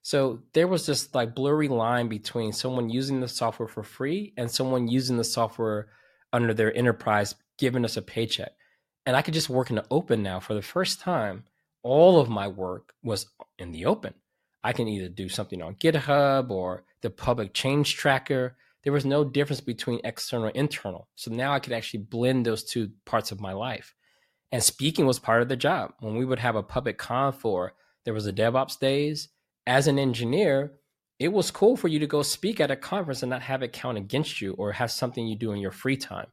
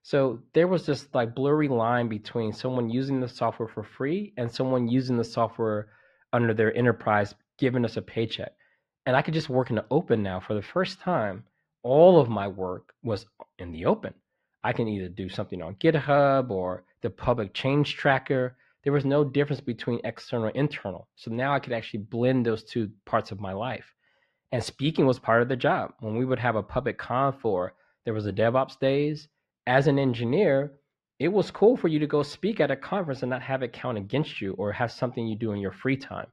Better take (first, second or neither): first